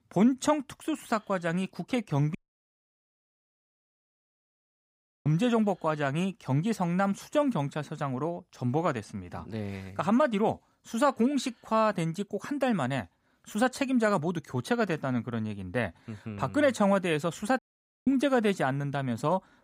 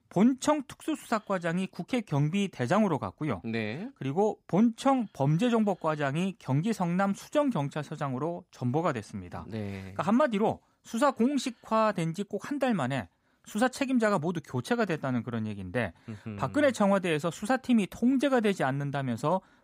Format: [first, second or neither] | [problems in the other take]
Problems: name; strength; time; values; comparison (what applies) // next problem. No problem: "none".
second | audio cutting out; at 2.5 s for 3 s and at 18 s